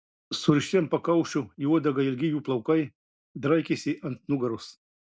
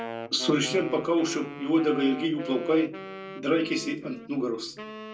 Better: first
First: none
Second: background sound (Wind instrument, woodwind instrument); 12 dB below the speech // room echo; dies away in 0.2 s

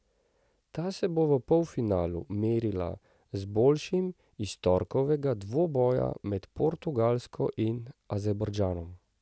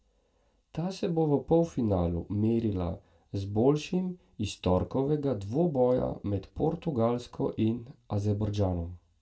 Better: first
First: none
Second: room echo; dies away in 0.2 s

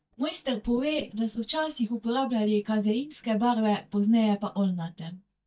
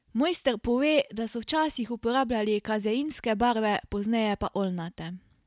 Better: second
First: noise reduction (neural mask model DeepFilterNet 3)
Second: none

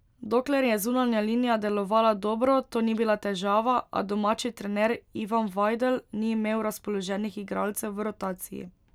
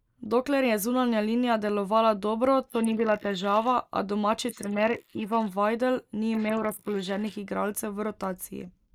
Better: first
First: none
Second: noise reduction (neural mask model Resemble Enhance denoiser)

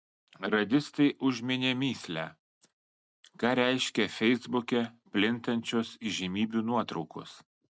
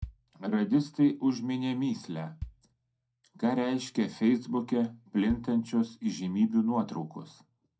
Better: first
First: none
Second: background sound (Bass drum); 20 dB below the speech // room echo; dies away in 0.2 s

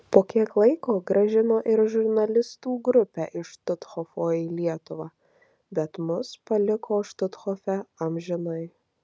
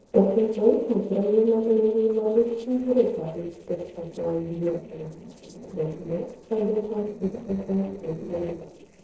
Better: first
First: none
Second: noise reduction (neural separator model SepFormer DNS4)

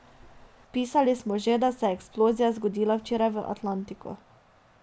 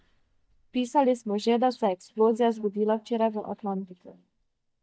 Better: first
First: none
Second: noise reduction (neural mask model DeepFilterNet 3)

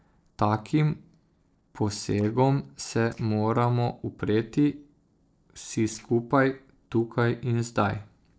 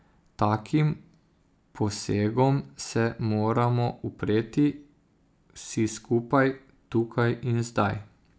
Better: second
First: noise reduction (neural separator model SepFormer DNS4)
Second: none

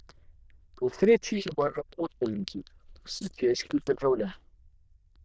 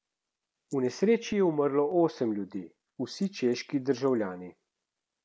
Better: second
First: noise reduction (neural diffusion model UNIVERSE++)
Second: none

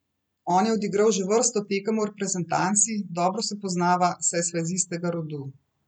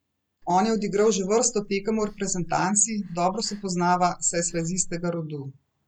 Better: first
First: none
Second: background sound (Breathing); 17 dB below the speech

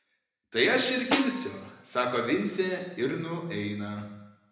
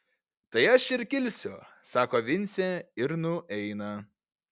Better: second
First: background sound (Snare drum); 7 dB below the speech // room echo; dies away in 0.9 s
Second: none

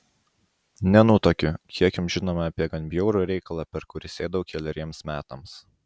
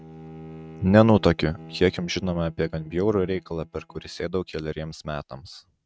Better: first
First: none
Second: noise reduction (neural mask model RNNoise)

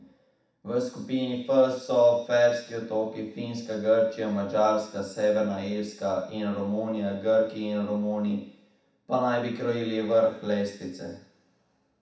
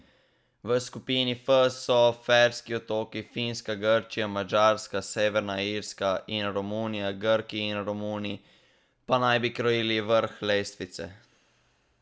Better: second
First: room echo; dies away in 0.7 s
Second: none

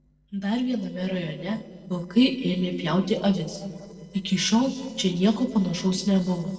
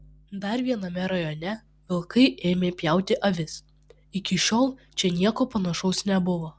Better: second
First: noise reduction (neural separator model SepFormer DNS4)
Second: none

